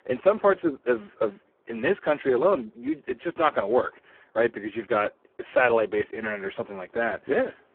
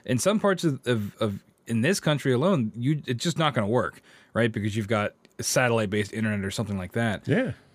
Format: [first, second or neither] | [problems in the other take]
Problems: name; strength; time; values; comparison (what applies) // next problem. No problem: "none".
second | phone-call audio; poor line